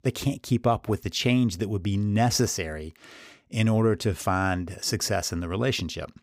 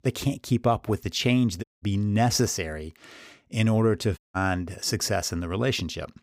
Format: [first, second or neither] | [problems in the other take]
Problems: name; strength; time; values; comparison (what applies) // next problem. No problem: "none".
first | audio cutting out; at 1.5 s and at 4 s